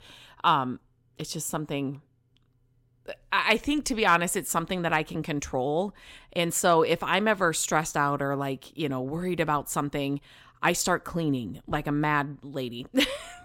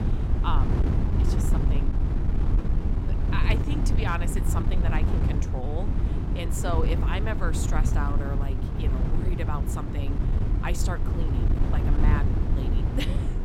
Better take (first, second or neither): first